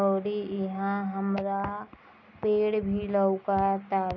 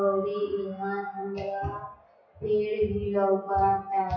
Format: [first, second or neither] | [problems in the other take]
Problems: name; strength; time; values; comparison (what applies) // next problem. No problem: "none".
first | noise reduction (classical method WPE with log-MMSE)